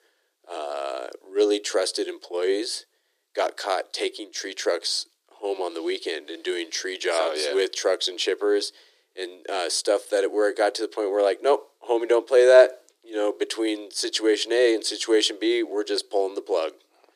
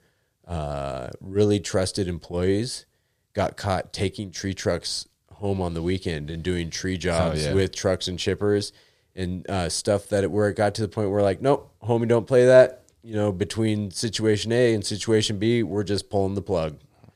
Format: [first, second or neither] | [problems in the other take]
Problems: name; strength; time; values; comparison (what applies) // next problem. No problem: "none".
second | thin; very; fading below 300 Hz